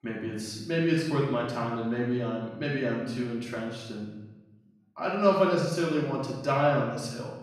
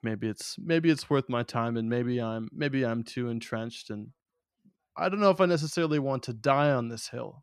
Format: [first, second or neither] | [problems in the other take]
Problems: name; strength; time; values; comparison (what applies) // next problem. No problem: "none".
second | off-mic speech; far // room echo; noticeable; dies away in 0.9 s